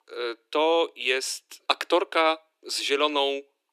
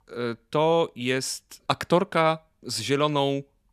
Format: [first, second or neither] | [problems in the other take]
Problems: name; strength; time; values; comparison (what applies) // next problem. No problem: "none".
second | thin; somewhat; fading below 300 Hz